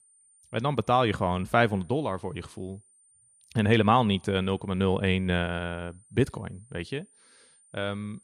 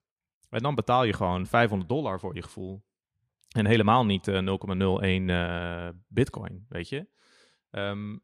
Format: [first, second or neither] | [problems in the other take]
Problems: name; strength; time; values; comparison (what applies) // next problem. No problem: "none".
second | high-pitched whine; faint; throughout; 9 kHz, 30 dB below the speech